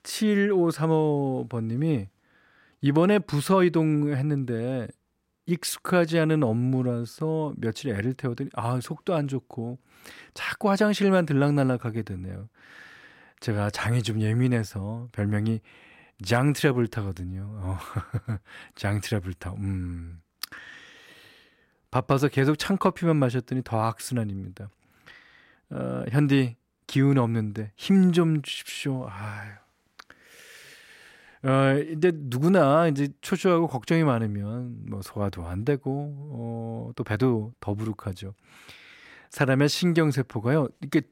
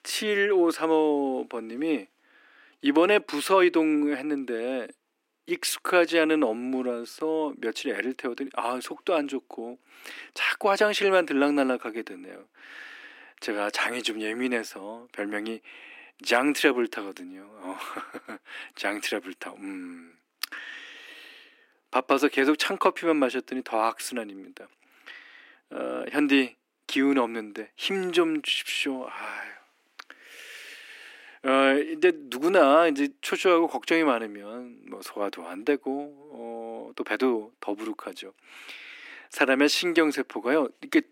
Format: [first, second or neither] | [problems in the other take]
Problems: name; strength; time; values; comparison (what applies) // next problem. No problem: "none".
first | thin; somewhat; fading below 300 Hz